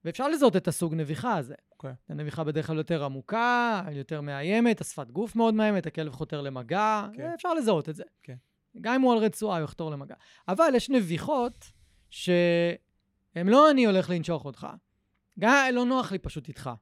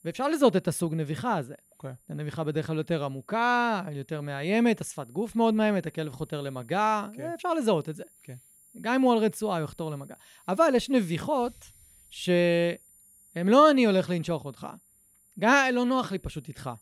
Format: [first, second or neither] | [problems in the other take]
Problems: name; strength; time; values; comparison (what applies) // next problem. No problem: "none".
first | high-pitched whine; faint; throughout; 9.5 kHz, 30 dB below the speech